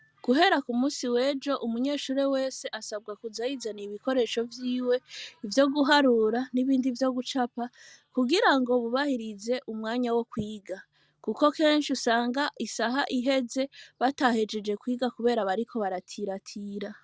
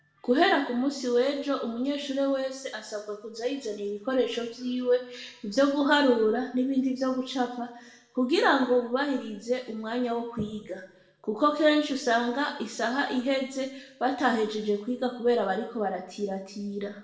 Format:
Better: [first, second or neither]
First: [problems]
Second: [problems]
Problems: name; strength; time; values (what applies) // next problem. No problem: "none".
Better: first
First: none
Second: room echo; dies away in 0.8 s